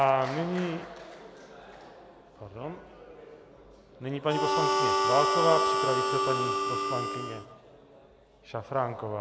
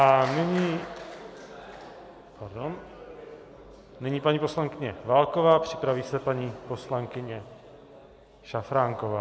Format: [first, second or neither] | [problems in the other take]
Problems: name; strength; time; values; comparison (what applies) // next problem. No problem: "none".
second | background sound (Harmonica); 5 dB above the speech